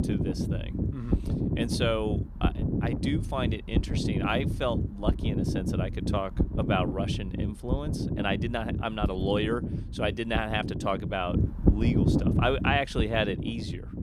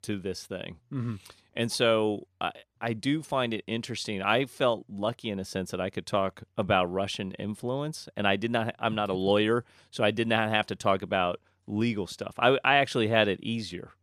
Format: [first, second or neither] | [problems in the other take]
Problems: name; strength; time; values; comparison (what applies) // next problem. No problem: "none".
second | wind noise on the microphone; heavy; 6 dB below the speech